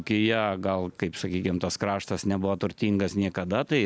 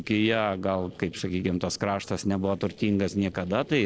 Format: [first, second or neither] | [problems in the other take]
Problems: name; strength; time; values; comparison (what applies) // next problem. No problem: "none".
first | noise reduction (neural separator model SepFormer DNS4)